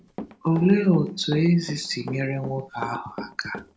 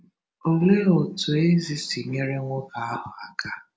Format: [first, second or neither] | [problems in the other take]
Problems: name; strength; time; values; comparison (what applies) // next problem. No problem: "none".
second | background sound (Run); 15 dB below the speech